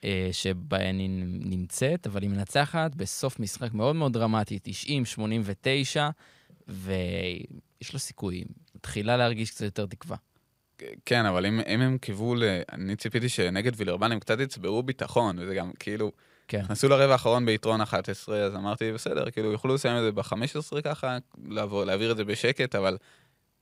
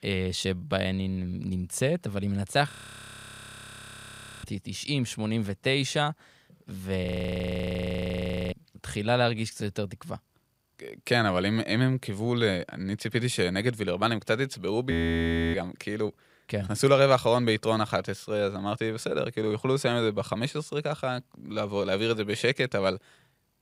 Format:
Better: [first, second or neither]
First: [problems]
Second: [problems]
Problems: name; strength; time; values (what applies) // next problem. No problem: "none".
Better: first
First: none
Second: audio freezing; at 2.5 s for 1.5 s, at 7 s for 1.5 s and at 15 s for 0.5 s